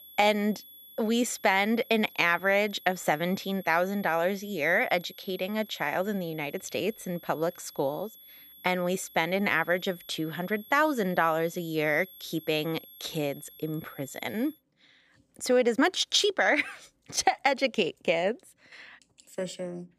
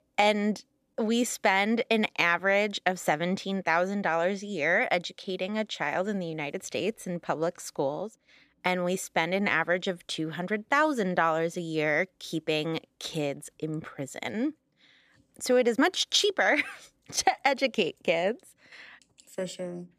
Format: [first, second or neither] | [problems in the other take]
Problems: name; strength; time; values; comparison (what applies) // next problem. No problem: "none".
second | high-pitched whine; faint; until 15 s; 11.5 kHz, 20 dB below the speech